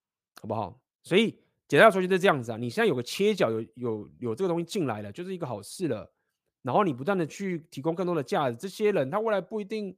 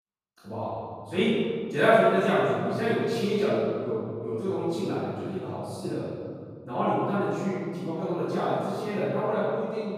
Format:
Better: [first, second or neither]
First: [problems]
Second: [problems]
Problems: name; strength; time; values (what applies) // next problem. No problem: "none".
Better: first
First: none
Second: off-mic speech; far // room echo; strong; dies away in 2.1 s